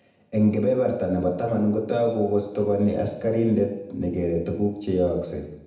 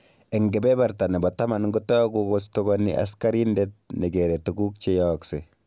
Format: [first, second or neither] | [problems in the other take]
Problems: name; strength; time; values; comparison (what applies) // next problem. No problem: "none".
second | room echo; dies away in 0.8 s